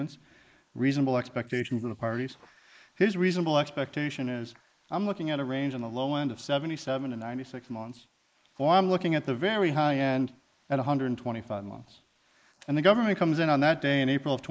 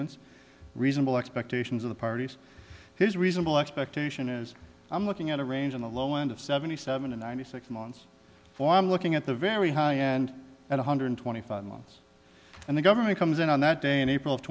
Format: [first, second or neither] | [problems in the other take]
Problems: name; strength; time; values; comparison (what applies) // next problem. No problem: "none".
second | noise reduction (neural mask model Resemble Enhance denoiser)